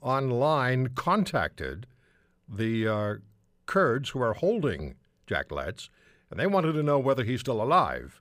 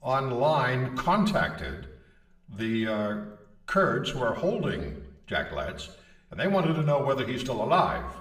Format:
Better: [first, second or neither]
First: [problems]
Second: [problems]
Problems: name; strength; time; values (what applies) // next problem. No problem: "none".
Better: first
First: none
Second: room echo; slight; dies away in 0.7 s // off-mic speech; far